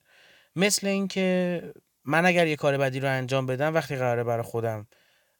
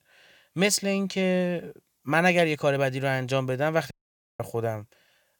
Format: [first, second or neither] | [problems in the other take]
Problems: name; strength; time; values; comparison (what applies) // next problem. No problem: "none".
first | audio cutting out; at 4 s